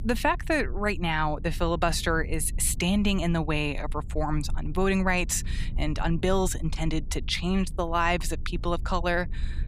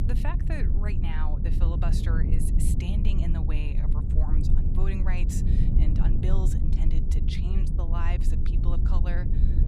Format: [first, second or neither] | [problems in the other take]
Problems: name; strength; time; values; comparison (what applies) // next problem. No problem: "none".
first | low rumble; loud; throughout; 1 dB below the speech; faint in the first